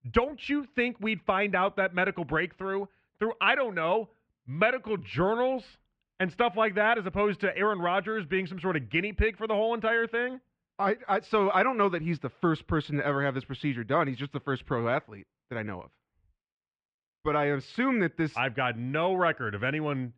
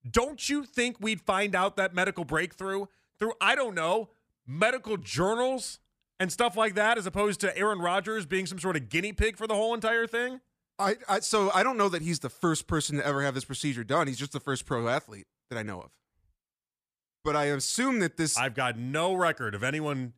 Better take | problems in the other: second | muffled; very; fading above 3 kHz

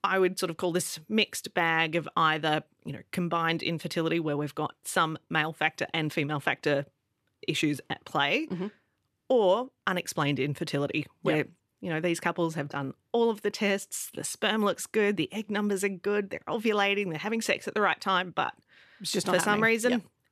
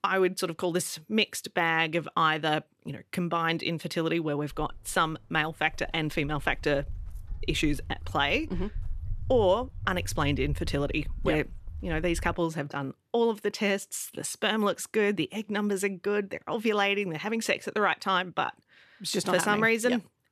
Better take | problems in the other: first | footsteps; noticeable; from 4.5 to 12 s; peak 8 dB below the speech

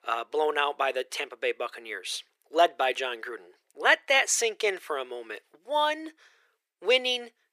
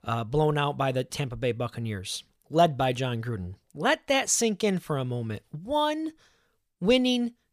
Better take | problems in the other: second | thin; very; fading below 350 Hz

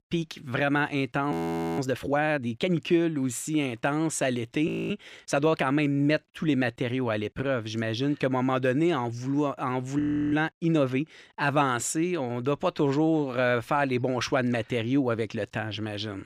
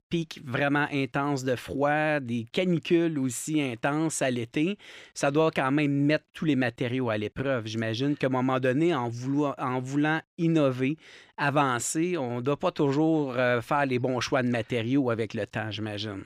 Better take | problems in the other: second | audio freezing; at 1.5 s, at 4.5 s and at 10 s

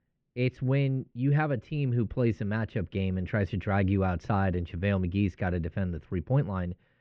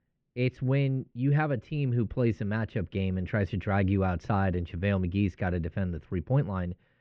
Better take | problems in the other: neither | muffled; very; fading above 3 kHz; the same in both

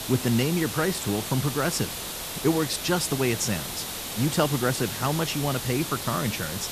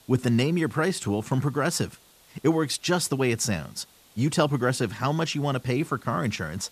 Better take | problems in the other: second | hiss; loud; throughout; 5 dB below the speech; faint in the second

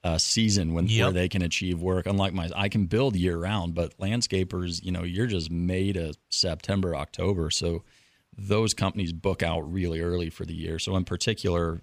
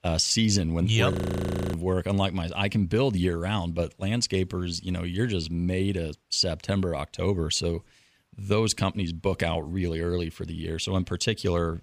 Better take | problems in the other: first | audio freezing; at 1 s for 0.5 s

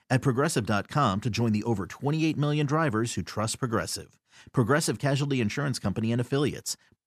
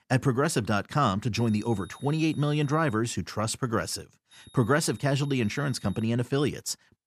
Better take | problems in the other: first | high-pitched whine; faint; from 1.5 to 3 s and from 4.5 to 6 s; 3.5 kHz, 25 dB below the speech

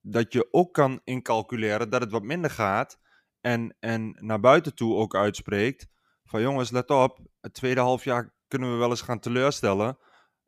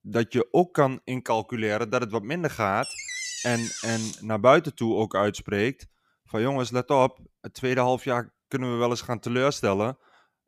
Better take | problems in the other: first | door banging; noticeable; from 3 to 4 s; peak 5 dB below the speech

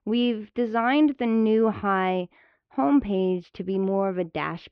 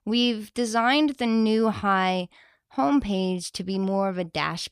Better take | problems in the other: second | muffled; very; fading above 3 kHz

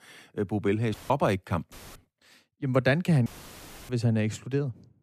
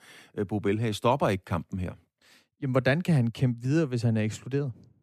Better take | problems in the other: second | audio cutting out; filled with static; at 1 s, at 1.5 s and at 3.5 s for 0.5 s

